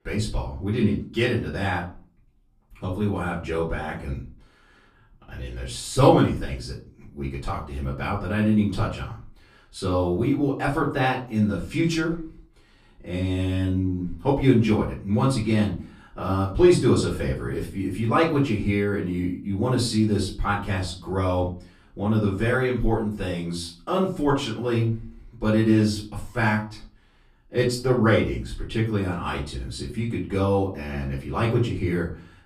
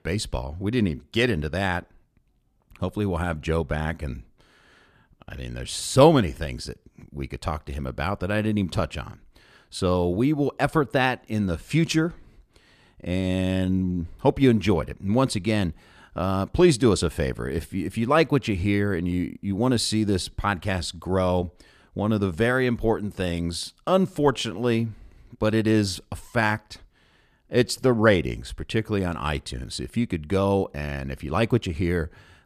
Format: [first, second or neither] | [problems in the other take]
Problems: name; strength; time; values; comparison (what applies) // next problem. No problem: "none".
second | room echo; slight; dies away in 0.3 s // off-mic speech; far